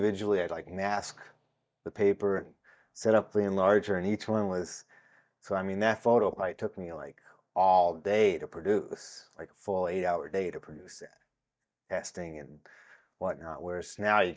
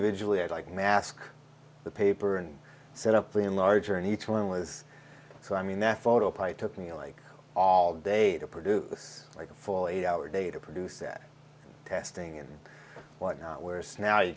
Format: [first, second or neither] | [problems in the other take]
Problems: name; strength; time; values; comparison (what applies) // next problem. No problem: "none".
second | noise reduction (neural mask model DeepFilterNet 3)